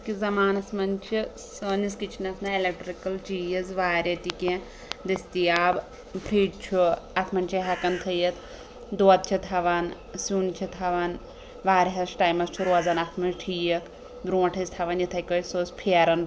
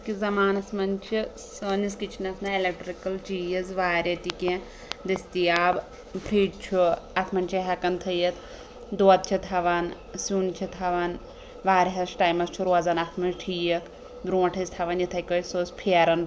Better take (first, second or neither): second